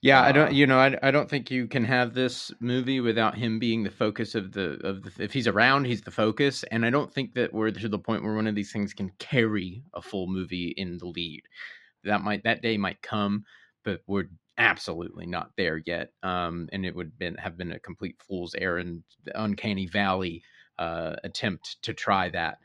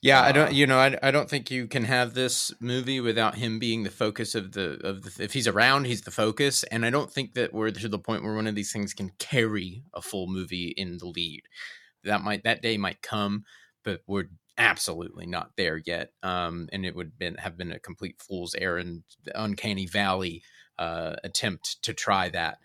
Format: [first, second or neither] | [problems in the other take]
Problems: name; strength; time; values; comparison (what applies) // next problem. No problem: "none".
second | muffled; very slightly; fading above 3.5 kHz